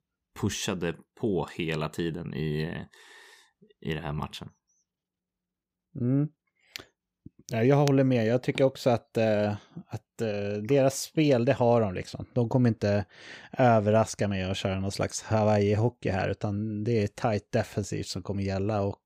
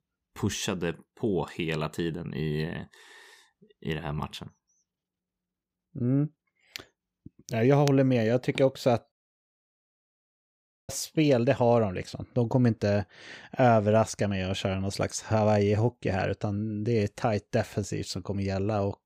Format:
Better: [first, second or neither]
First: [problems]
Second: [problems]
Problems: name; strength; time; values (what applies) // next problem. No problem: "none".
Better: first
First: none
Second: audio cutting out; at 9 s for 2 s